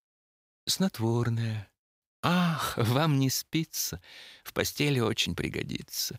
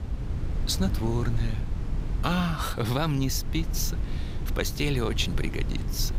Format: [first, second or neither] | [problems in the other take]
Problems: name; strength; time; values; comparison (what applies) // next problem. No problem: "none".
first | wind noise on the microphone; occasional gusts; 15 dB below the speech